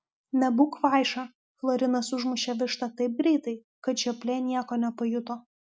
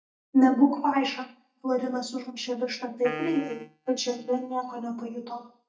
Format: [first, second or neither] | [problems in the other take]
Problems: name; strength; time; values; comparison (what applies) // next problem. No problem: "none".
first | noise reduction (neural mask model DeepFilterNet 3)